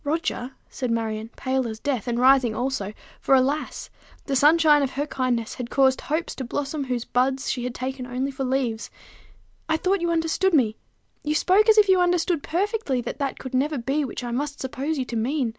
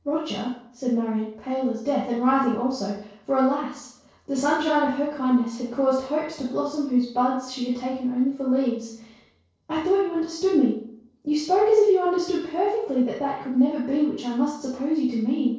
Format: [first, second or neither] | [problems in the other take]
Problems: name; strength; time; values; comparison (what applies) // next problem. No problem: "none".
first | noise reduction (neural separator model SepFormer DNS4)